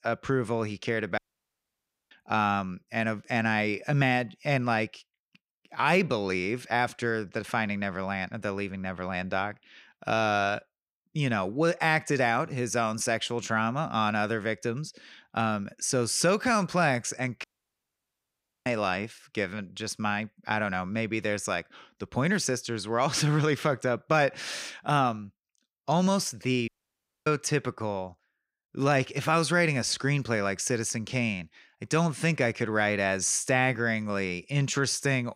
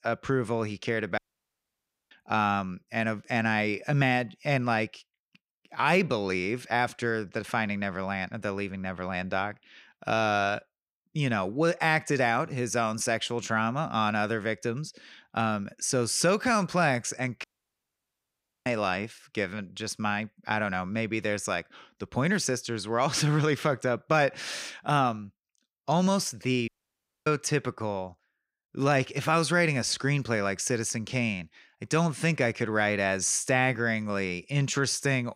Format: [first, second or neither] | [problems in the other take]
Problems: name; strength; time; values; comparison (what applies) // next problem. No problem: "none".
neither | audio cutting out; at 1 s for 1 s, at 17 s for 1 s and at 27 s for 0.5 s; the same in both